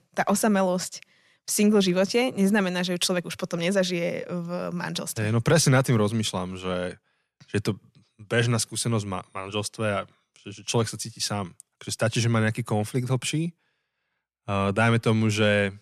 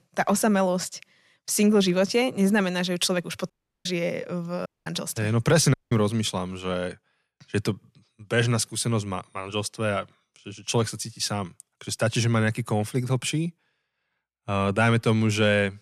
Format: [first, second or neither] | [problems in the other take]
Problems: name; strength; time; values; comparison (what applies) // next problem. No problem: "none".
first | audio cutting out; at 3.5 s, at 4.5 s and at 5.5 s